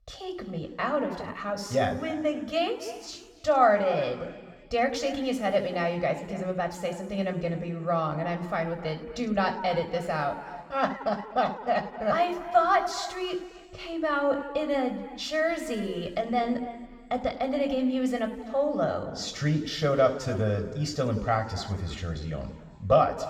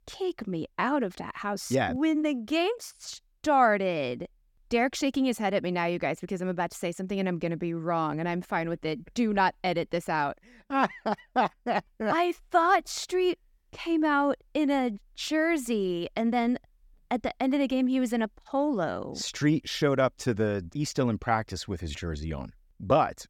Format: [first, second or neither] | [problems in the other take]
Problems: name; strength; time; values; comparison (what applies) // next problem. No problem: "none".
second | room echo; slight; dies away in 1.9 s